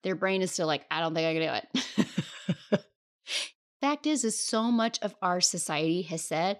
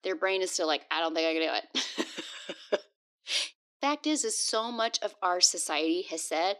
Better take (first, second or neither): first